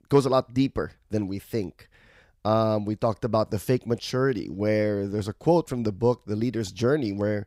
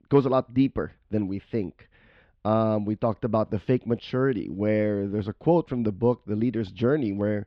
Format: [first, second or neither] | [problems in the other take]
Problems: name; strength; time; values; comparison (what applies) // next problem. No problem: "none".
first | muffled; slightly; fading above 3 kHz